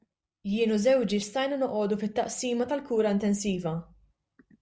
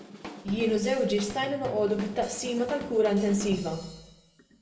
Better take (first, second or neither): first